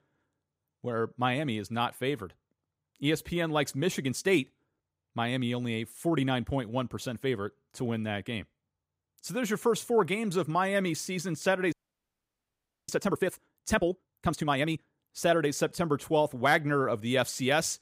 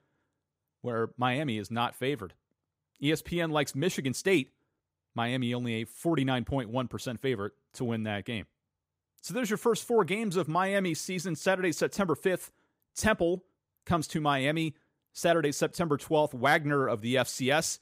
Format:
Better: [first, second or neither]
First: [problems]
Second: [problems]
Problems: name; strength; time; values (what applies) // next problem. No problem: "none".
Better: second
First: audio freezing; at 12 s for 1 s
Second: none